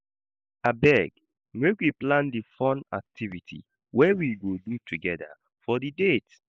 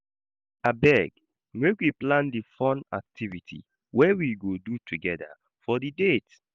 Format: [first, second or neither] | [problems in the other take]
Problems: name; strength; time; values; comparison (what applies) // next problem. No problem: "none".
second | noise reduction (neural mask model Resemble Enhance denoiser)